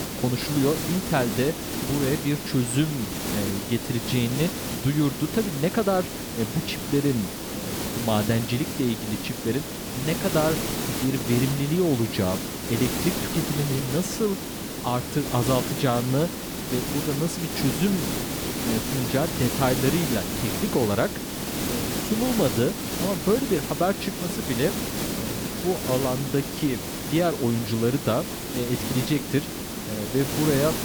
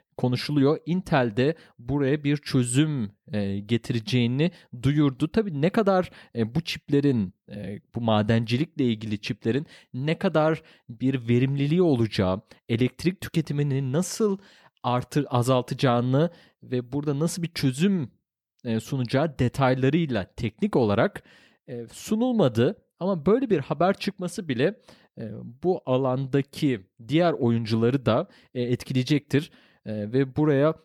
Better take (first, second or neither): second